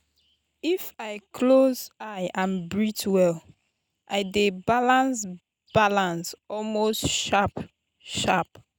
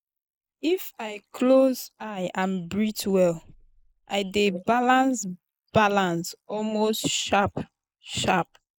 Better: first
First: none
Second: noise reduction (neural mask model Resemble Enhance denoiser)

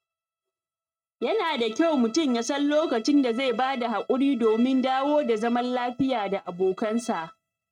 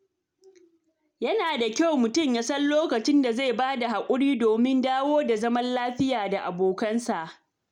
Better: second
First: noise reduction (neural mask model RNNoise)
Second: none

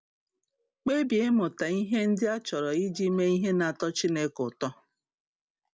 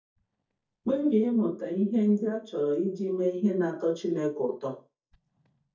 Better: first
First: none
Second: noise reduction (neural mask model DeepFilterNet 3)

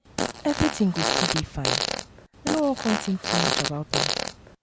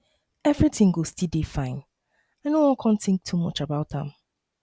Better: second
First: background sound (Fart); as loud as the speech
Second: none

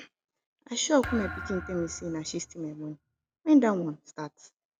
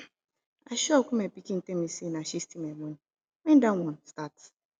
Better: second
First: background sound (Thump, thud); 12 dB below the speech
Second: none

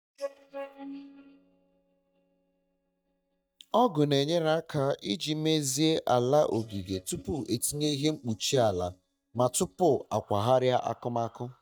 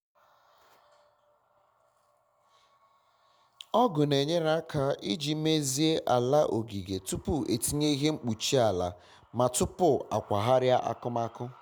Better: second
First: noise reduction (neural mask model DeepFilterNet 3)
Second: none

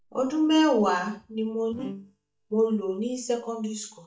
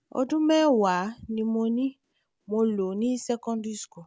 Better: second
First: noise reduction (neural mask model DeepFilterNet 3)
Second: none

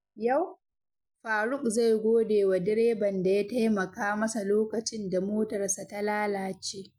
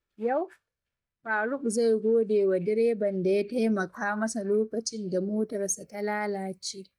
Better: first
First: none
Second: noise reduction (neural mask model DeepFilterNet 3)

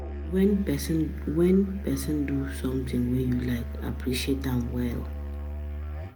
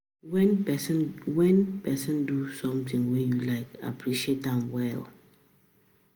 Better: second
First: background sound (Musical instrument); 6 dB below the speech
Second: none

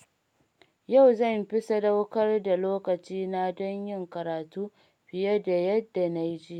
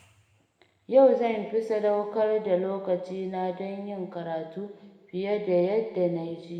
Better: first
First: none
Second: room echo; dies away in 1.4 s

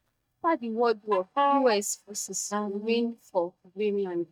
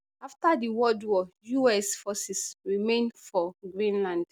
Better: second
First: noise reduction (neural mask model DeepFilterNet 3)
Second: none

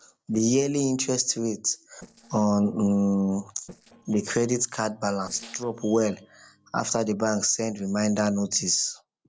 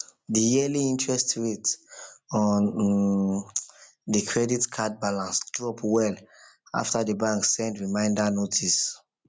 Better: second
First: noise reduction (neural separator model SepFormer DNS4)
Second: none

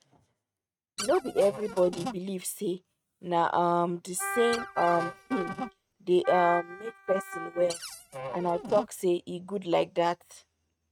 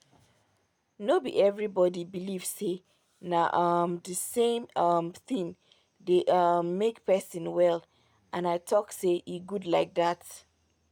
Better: second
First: noise reduction (neural mask model RNNoise)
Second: none

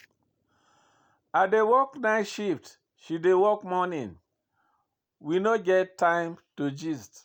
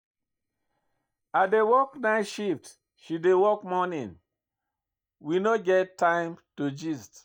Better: first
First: none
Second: noise reduction (neural mask model DeepFilterNet 3)

